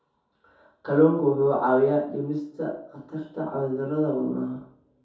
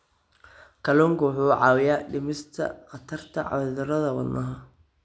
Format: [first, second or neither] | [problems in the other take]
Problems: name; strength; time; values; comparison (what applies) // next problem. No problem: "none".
second | room echo; dies away in 0.5 s